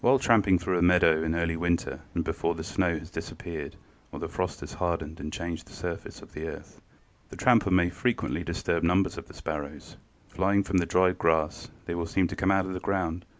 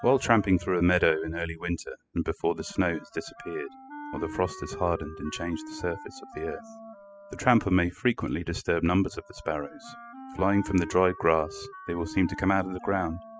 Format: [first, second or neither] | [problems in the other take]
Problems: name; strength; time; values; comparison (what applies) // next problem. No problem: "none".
first | noise reduction (classical method spectral subtraction)